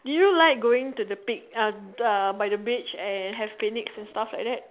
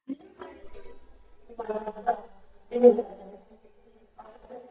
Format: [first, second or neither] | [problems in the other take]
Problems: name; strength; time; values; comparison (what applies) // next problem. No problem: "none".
first | noise reduction (neural mask model DeepFilterNet 3)